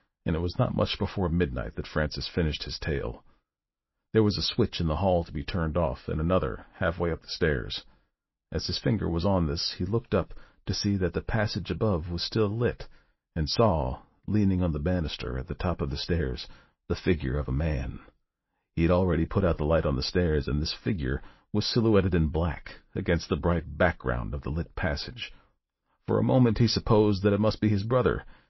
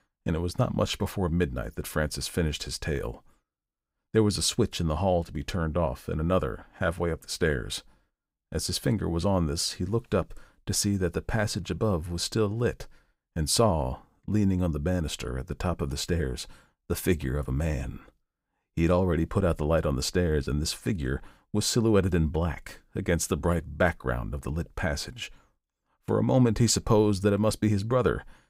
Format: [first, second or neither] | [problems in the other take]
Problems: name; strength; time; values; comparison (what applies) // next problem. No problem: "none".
second | garbled, watery; slightly; nothing above 5.5 kHz